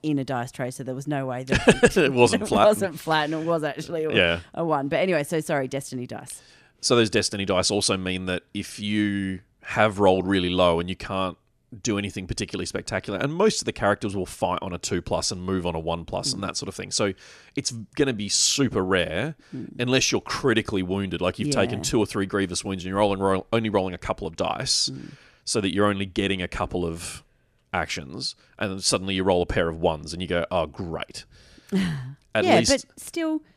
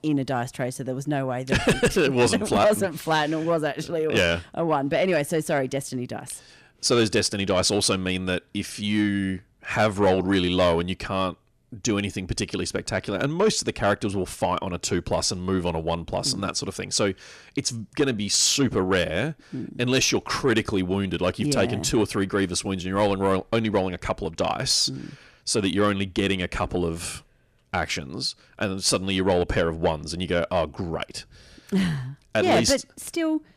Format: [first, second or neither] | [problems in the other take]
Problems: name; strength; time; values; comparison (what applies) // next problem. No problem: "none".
first | distortion; slight; 10 dB below the speech